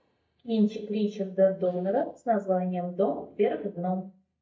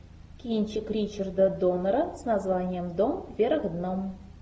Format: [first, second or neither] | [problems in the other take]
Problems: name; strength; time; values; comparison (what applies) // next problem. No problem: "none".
second | noise reduction (neural mask model DeepFilterNet 3)